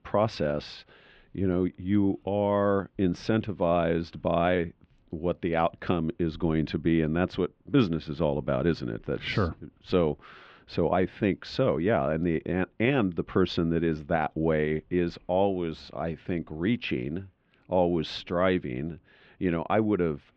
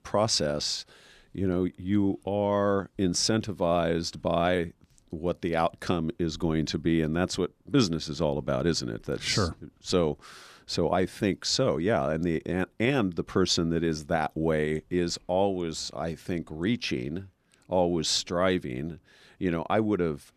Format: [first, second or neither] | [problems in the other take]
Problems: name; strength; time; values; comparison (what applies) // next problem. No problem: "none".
second | muffled; very; fading above 3 kHz